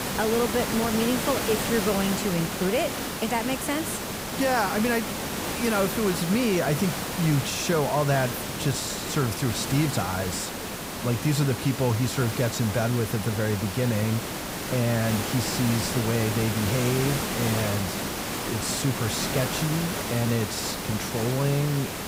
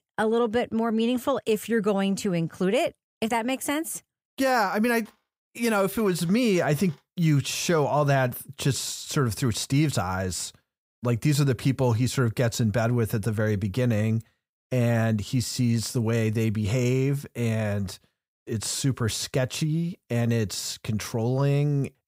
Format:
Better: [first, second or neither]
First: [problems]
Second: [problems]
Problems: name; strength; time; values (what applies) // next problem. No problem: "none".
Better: second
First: hiss; loud; throughout; 3 dB below the speech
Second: none